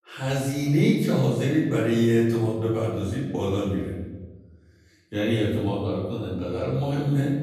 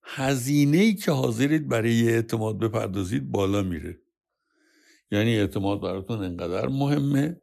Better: second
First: off-mic speech; far // room echo; noticeable; dies away in 1.2 s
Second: none

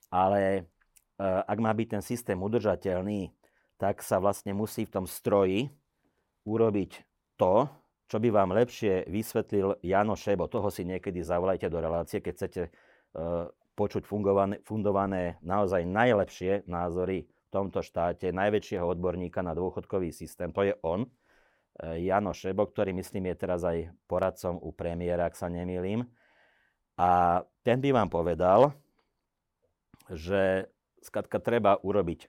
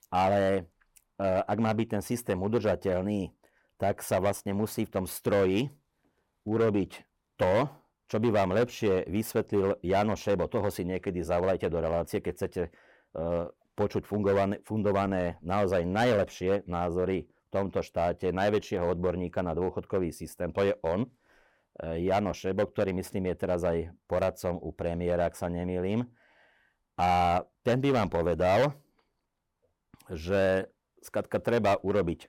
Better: first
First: none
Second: distortion; slight; 5% of the sound clipped

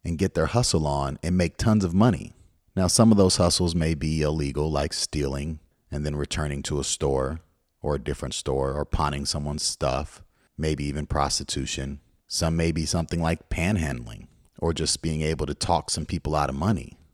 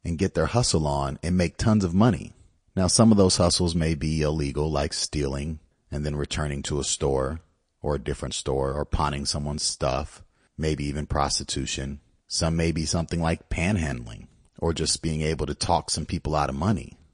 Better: first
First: none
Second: garbled, watery; slightly; nothing above 9.5 kHz

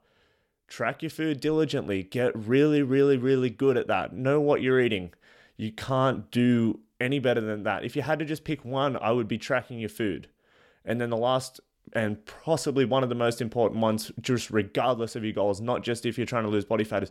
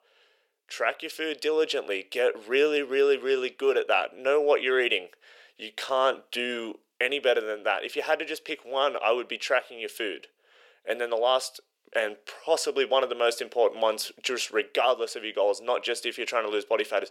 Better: first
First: none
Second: thin; very; fading below 450 Hz

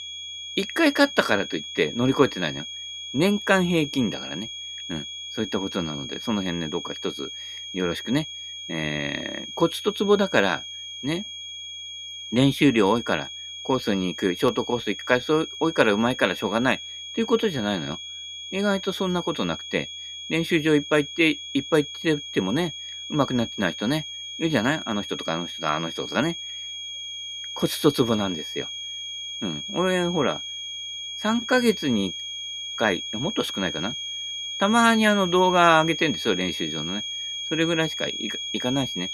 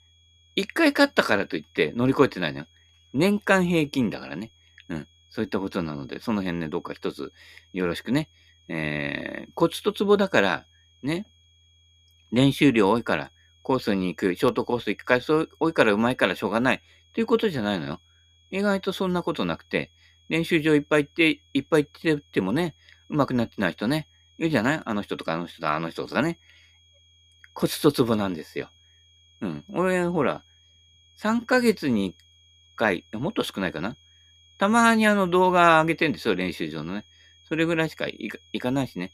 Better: second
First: high-pitched whine; loud; throughout; 3.5 kHz, 8 dB below the speech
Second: high-pitched whine; faint; throughout; 3.5 kHz, 35 dB below the speech

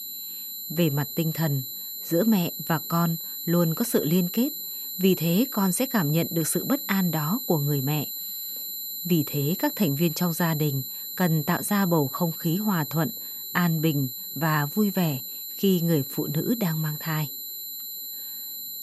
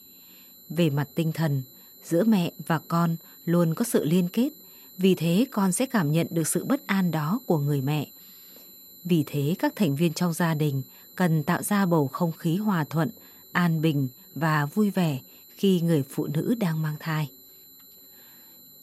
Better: second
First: high-pitched whine; loud; throughout; 12 kHz, 6 dB below the speech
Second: high-pitched whine; faint; throughout; 12 kHz, 20 dB below the speech

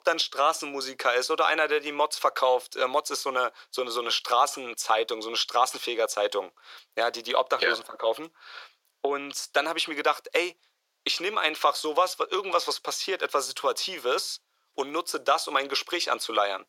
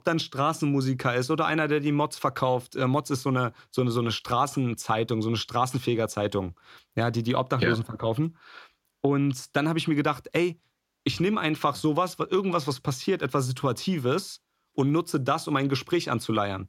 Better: second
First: thin; very; fading below 500 Hz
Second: none

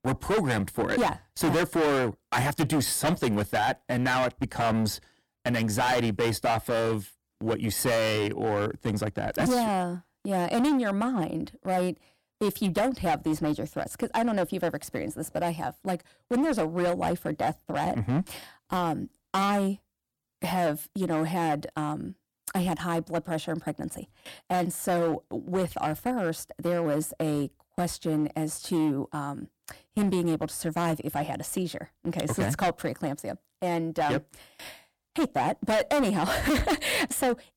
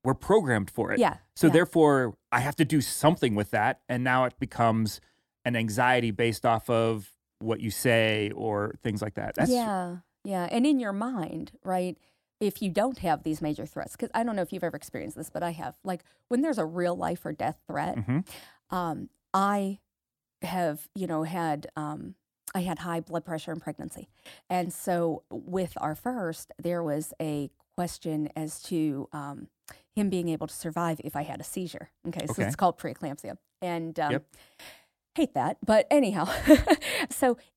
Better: second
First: distortion; heavy; 12% of the sound clipped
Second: none

